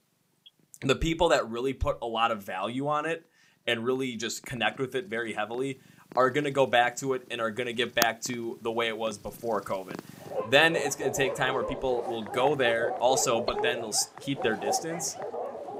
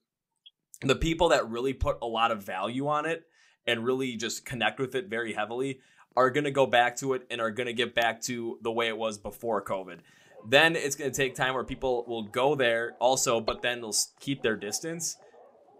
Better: second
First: animal sounds; loud; throughout; 6 dB below the speech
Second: animal sounds; faint; throughout; 25 dB below the speech

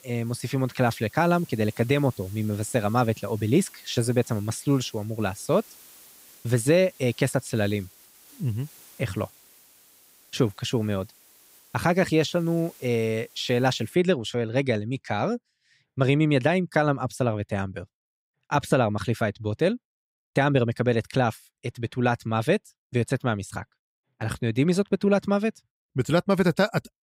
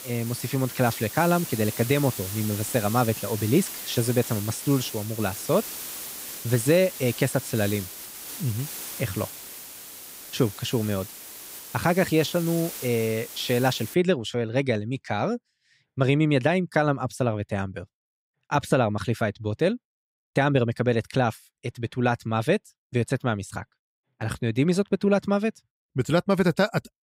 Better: first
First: hiss; faint; until 14 s; 25 dB below the speech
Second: hiss; loud; until 14 s; 9 dB below the speech

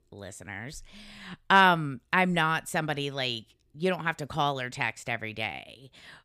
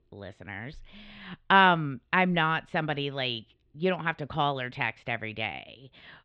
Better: first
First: none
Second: muffled; slightly; fading above 3.5 kHz

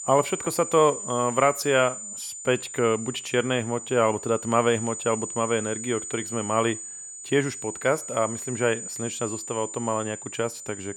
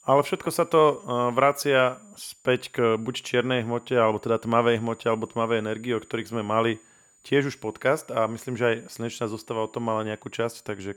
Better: second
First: high-pitched whine; loud; throughout; 7 kHz, 8 dB below the speech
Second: high-pitched whine; faint; throughout; 7 kHz, 30 dB below the speech

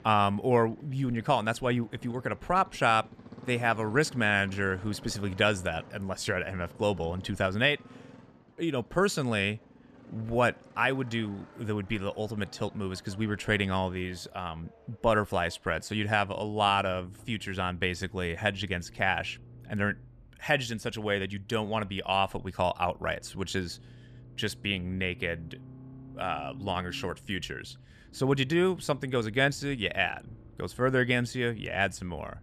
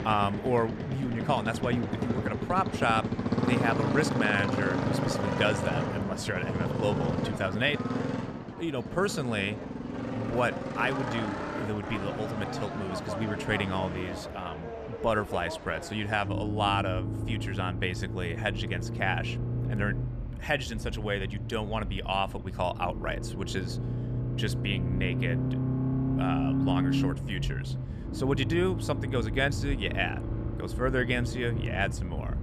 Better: first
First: traffic noise; faint; throughout; 20 dB below the speech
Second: traffic noise; loud; throughout; 1 dB below the speech

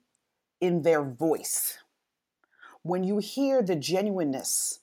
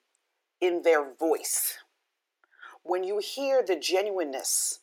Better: first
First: none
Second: thin; very; fading below 350 Hz

